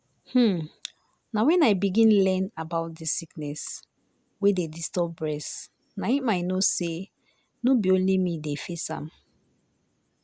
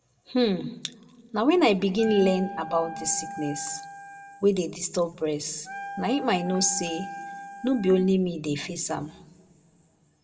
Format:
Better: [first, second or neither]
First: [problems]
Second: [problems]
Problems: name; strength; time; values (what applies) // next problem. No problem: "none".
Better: first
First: none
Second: background sound (Wind instrument, woodwind instrument); 12 dB below the speech // room echo; dies away in 0.3 s